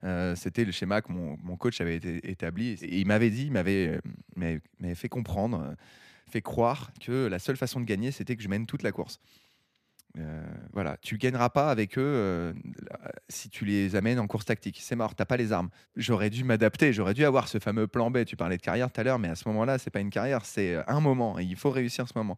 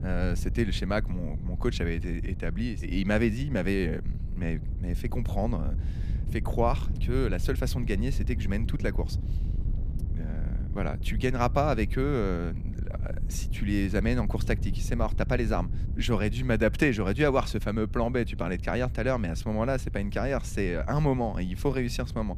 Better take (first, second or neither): first